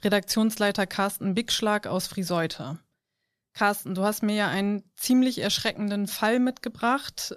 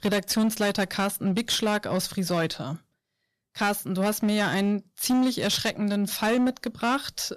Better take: first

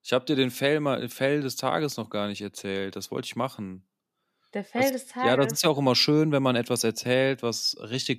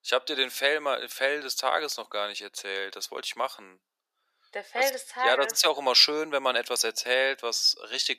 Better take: first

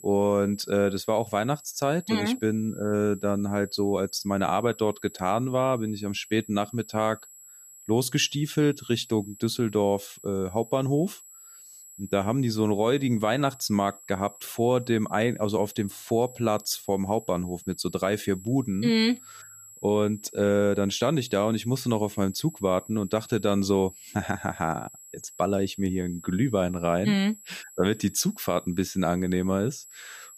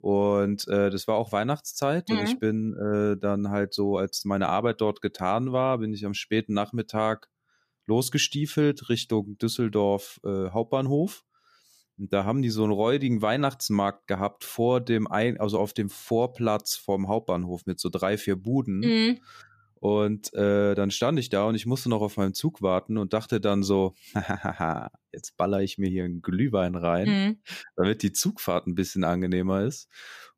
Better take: second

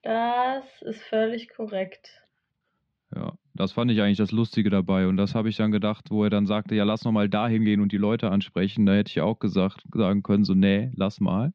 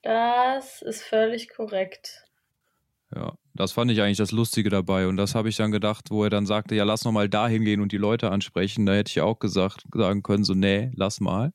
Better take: second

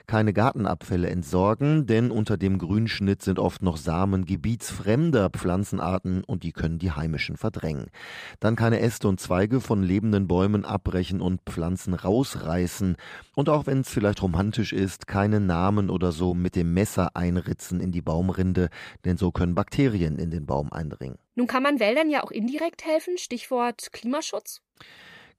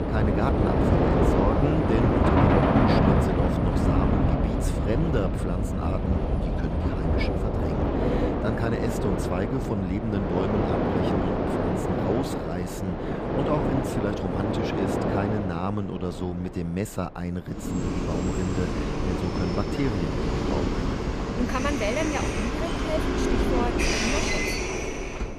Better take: first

